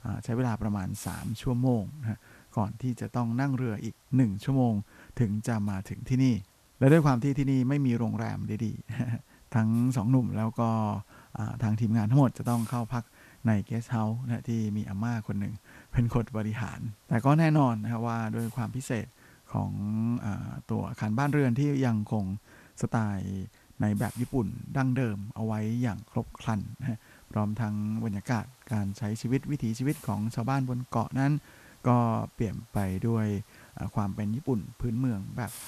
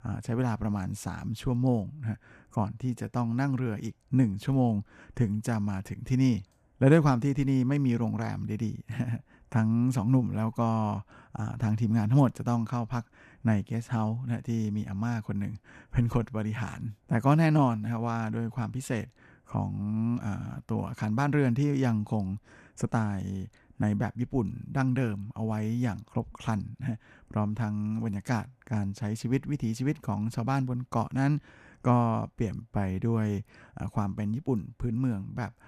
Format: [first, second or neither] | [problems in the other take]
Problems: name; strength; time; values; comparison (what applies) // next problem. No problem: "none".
second | hiss; faint; throughout; 25 dB below the speech